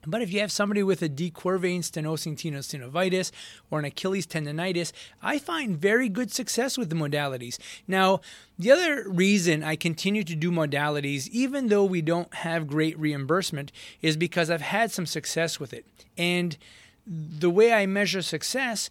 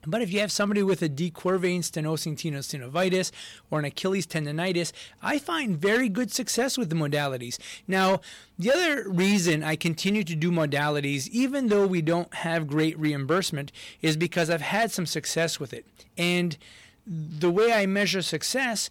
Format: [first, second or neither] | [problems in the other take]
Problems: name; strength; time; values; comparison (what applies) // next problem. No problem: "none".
first | distortion; slight; 4% of the sound clipped